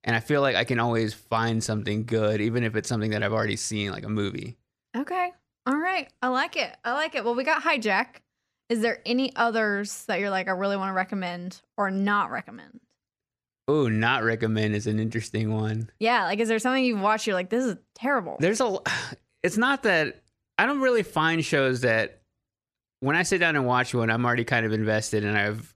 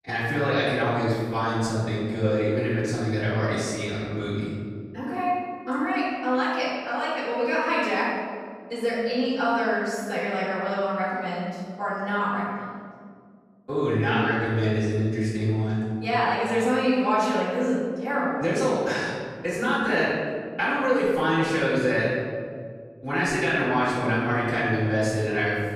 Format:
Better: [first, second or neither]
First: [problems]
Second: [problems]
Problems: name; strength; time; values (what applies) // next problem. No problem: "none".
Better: first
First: none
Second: room echo; strong; dies away in 1.9 s // off-mic speech; far